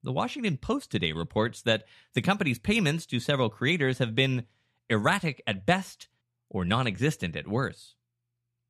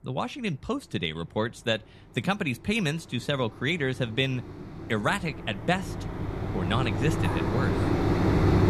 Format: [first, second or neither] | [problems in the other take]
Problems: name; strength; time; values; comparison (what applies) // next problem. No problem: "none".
first | machinery noise; very loud; throughout; 1 dB above the speech